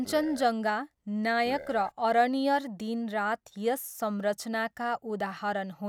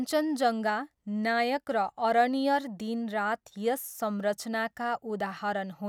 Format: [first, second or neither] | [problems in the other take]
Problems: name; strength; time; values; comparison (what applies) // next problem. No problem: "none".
second | background sound (Burping, eructation); 14 dB below the speech